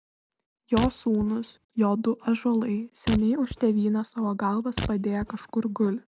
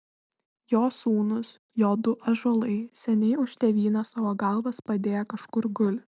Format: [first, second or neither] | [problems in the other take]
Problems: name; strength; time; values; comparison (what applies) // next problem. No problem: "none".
second | background sound (Fart); 11 dB below the speech